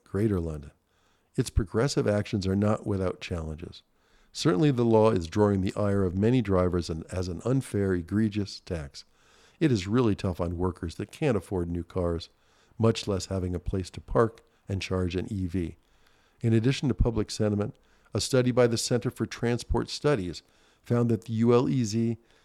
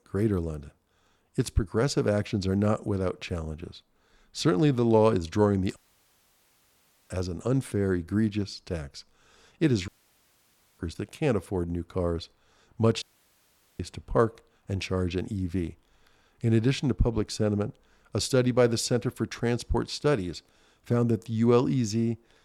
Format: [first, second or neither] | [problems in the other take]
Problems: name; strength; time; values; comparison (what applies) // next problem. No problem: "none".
first | audio cutting out; at 6 s for 1.5 s, at 10 s for 1 s and at 13 s for 1 s